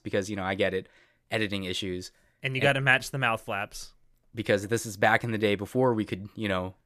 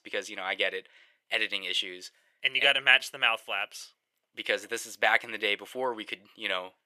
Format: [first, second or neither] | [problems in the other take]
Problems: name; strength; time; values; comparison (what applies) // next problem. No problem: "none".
first | thin; very; fading below 550 Hz